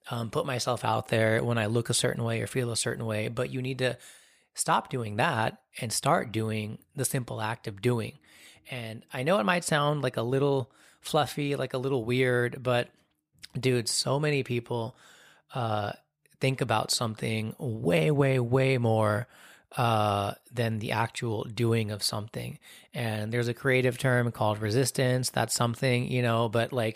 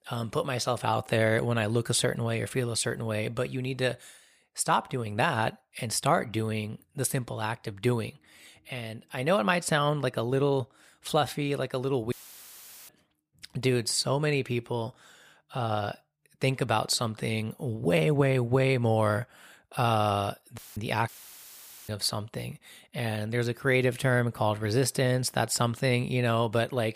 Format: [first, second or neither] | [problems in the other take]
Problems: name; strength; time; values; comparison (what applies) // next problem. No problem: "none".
first | audio cutting out; filled with static; at 12 s for 1 s and at 21 s for 1 s